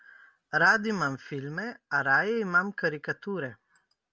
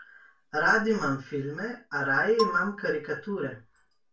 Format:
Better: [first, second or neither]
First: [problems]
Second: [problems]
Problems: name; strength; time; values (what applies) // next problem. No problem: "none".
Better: first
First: none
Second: background sound (Marimba, xylophone); 9 dB below the speech // room echo; dies away in 0.2 s